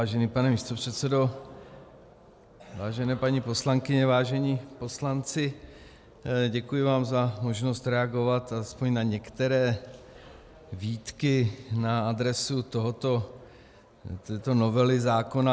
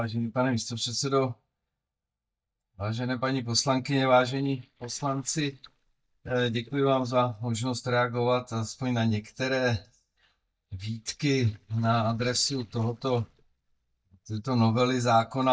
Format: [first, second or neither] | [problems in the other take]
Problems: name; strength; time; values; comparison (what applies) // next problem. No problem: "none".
first | noise reduction (neural mask model DeepFilterNet 3)